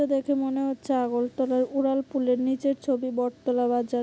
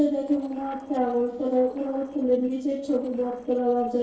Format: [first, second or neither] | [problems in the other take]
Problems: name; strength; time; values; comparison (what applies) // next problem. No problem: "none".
first | noise reduction (neural separator model SepFormer DNS4)